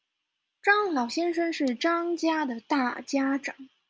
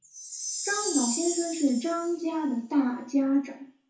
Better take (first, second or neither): first